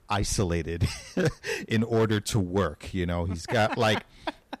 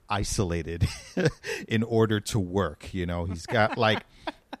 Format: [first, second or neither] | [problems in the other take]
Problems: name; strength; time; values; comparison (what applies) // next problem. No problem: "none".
second | distortion; slight; 4% of the sound clipped